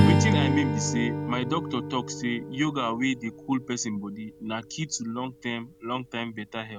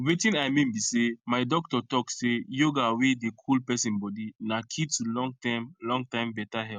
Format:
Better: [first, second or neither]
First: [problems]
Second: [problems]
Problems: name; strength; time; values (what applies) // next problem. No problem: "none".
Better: second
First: background sound (Strum); 1 dB above the speech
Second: none